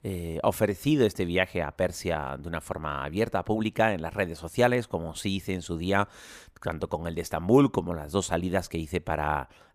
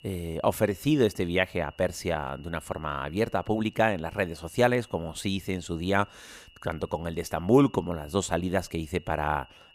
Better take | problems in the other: first | high-pitched whine; faint; throughout; 3 kHz, 25 dB below the speech

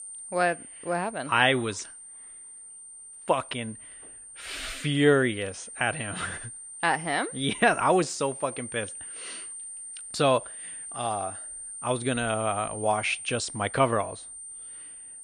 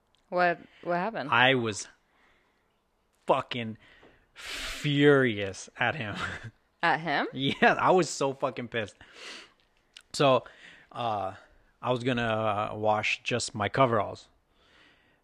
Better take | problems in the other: second | high-pitched whine; noticeable; throughout; 9 kHz, 10 dB below the speech

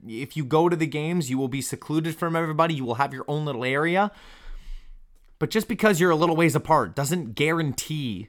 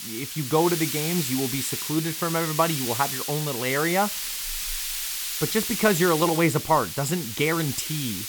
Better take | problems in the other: first | hiss; loud; throughout; 3 dB below the speech

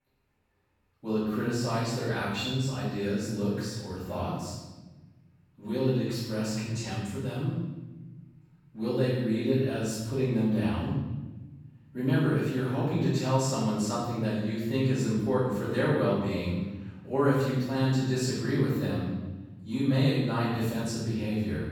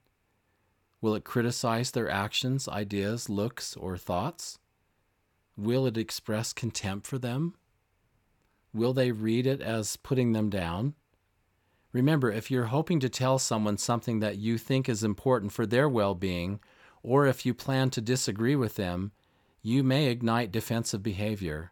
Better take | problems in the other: second | off-mic speech; far // room echo; strong; dies away in 1.2 s

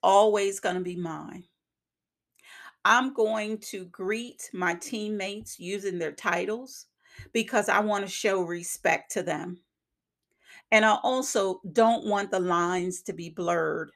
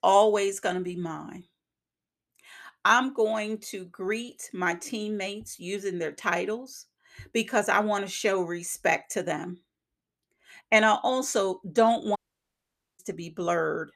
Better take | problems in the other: first | audio cutting out; at 12 s for 1 s

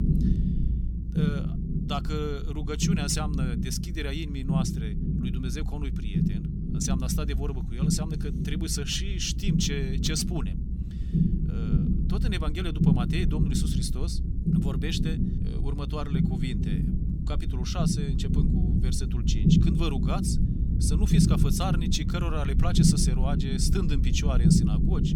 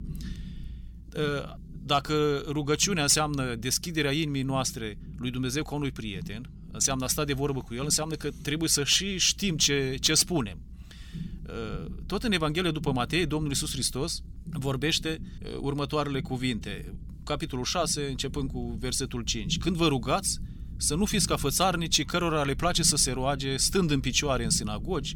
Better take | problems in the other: second | low rumble; loud; throughout; 2 dB below the speech; faint in the second

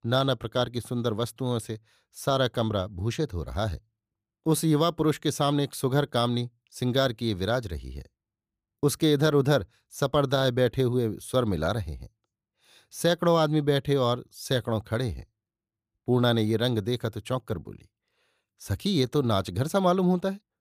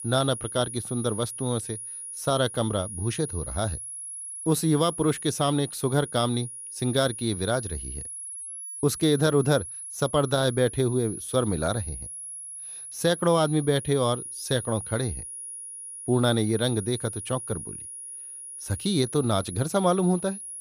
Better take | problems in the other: first | high-pitched whine; loud; throughout; 10.5 kHz, 9 dB below the speech

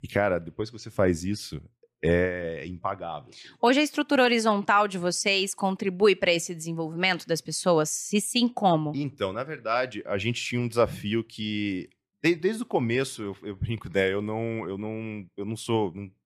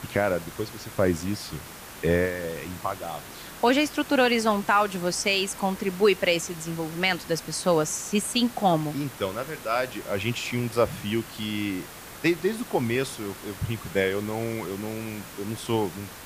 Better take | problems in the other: first | hiss; noticeable; throughout; 15 dB below the speech

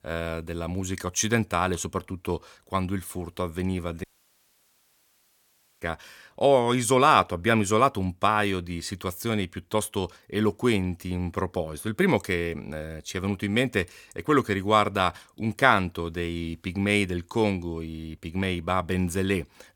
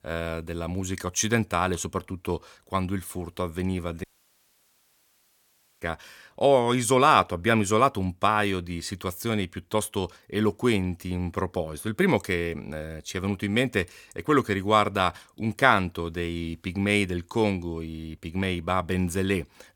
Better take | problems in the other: neither | audio cutting out; at 4 s for 2 s; the same in both

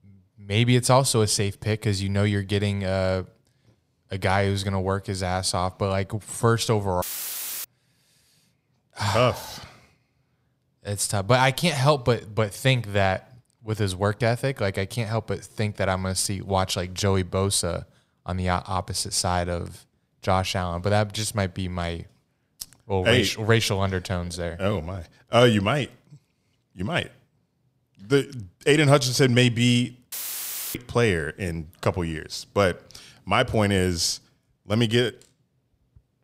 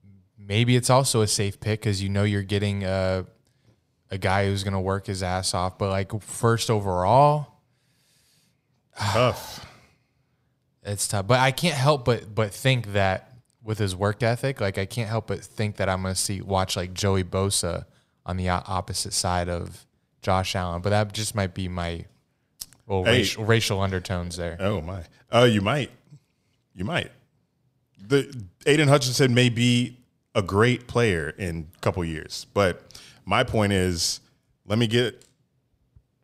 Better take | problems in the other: second | audio cutting out; filled with static; at 7 s for 0.5 s and at 30 s for 0.5 s

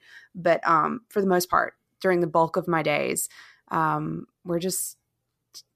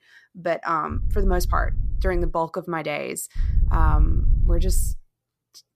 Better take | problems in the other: first | wind noise on the microphone; occasional gusts; from 1 to 2.5 s and from 3.5 to 5 s; 20 dB below the speech

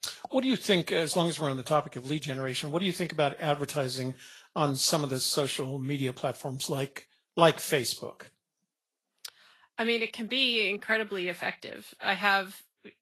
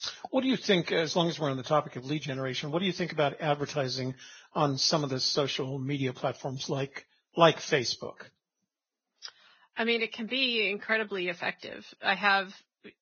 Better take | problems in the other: first | garbled, watery; badly; nothing above 6.5 kHz; slightly in the first

